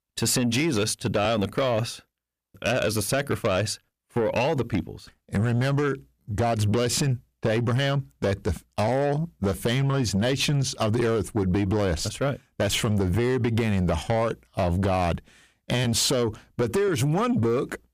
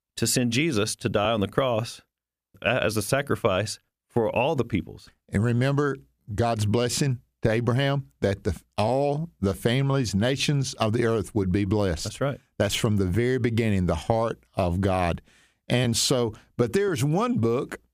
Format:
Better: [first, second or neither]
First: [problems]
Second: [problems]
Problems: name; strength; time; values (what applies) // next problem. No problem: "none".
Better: second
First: distortion; slight; 10 dB below the speech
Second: none